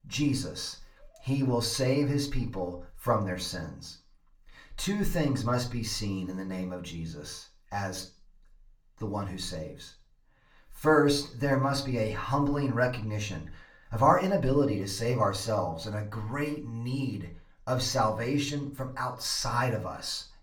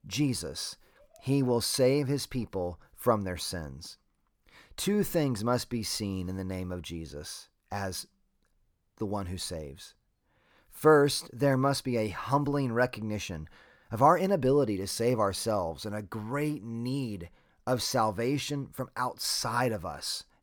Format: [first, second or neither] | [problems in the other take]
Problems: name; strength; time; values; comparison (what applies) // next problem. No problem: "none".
second | room echo; very slight; dies away in 0.3 s // off-mic speech; far